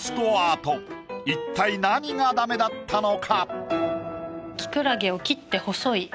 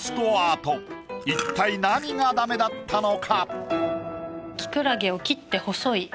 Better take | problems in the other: first | background sound (Chewing, mastication); 15 dB below the speech

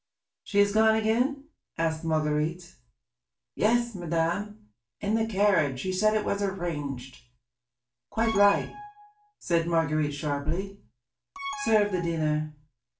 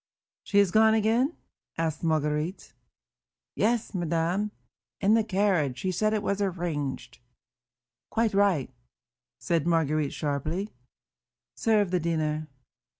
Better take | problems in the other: second | background sound (Alarm); 10 dB below the speech // room echo; dies away in 0.3 s

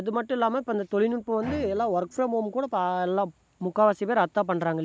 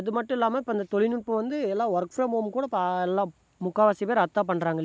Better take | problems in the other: second | background sound (Bowed string instrument); 17 dB below the speech

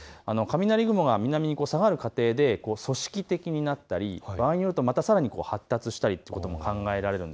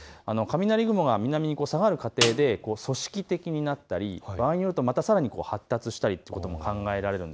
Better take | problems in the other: first | background sound (Snare drum); 6 dB below the speech

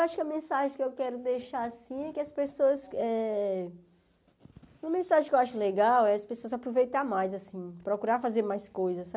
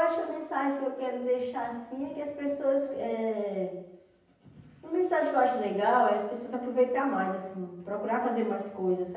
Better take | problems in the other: first | room echo; dies away in 0.9 s

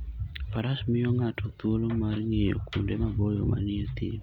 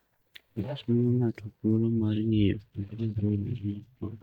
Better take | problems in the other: first | noise reduction (neural mask model DeepFilterNet 3)

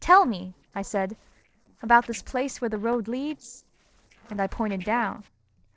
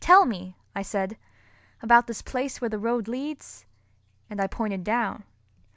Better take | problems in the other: second | noise reduction (neural separator model SepFormer DNS4)

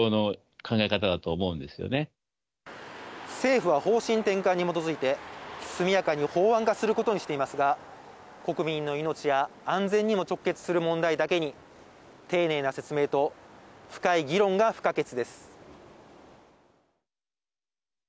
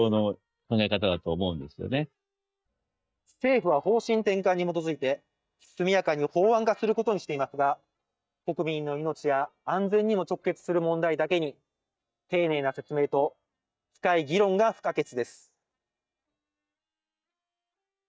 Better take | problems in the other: first | noise reduction (neural mask model DeepFilterNet 3)

